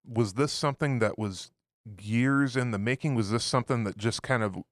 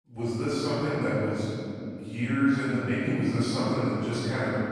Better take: first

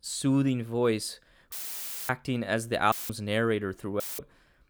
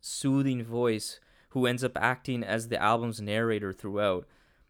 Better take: second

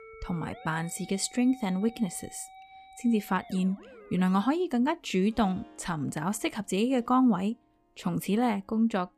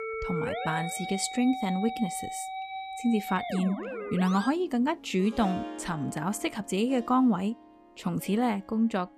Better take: first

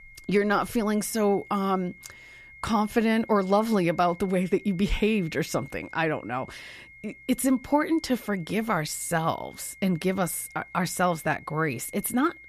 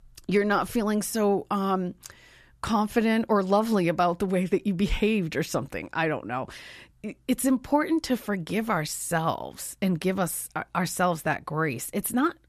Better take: second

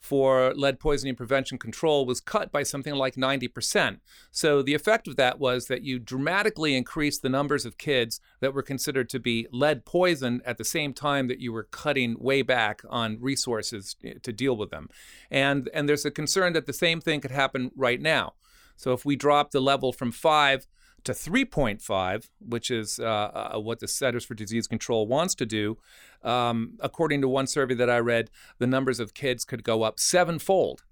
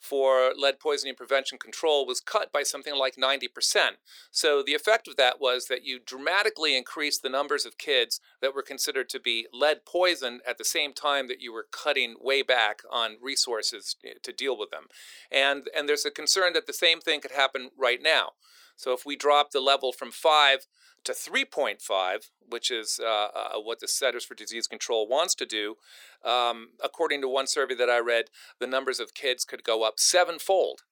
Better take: first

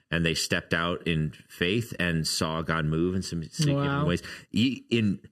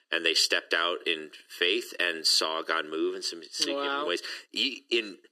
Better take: first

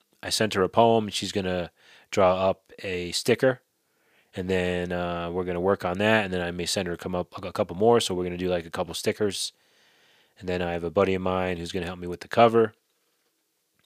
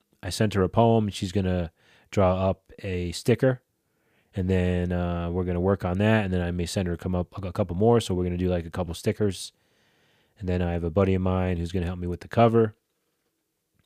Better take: second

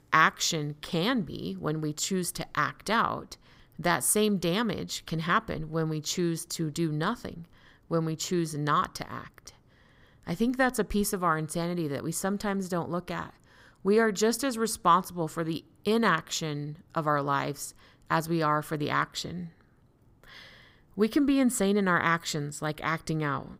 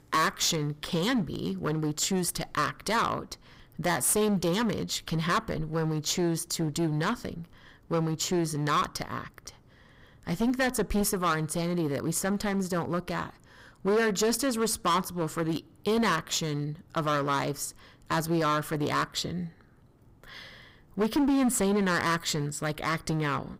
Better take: first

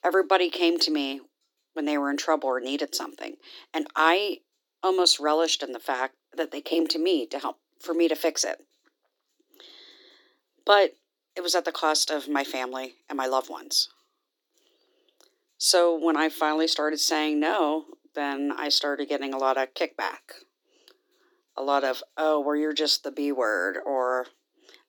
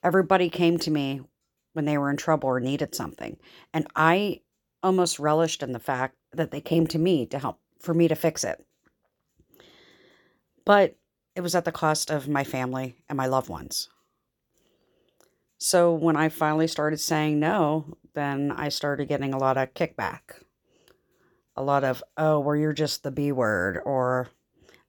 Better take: second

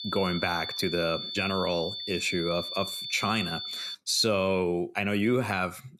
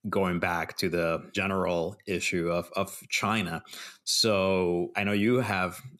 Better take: second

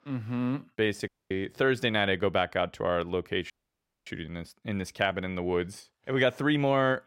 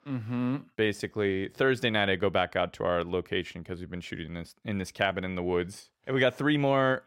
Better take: second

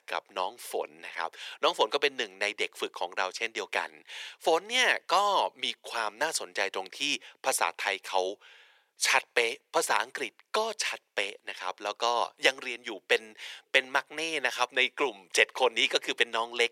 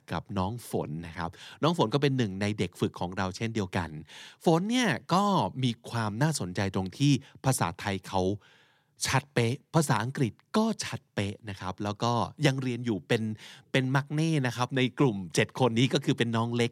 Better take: second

